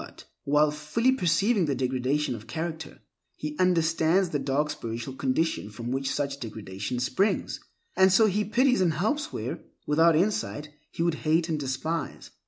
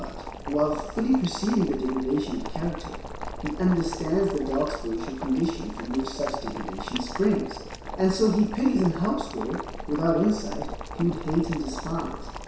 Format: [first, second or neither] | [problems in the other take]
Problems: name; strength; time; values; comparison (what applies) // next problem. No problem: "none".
first | background sound (Boiling); 9 dB below the speech // room echo; dies away in 0.7 s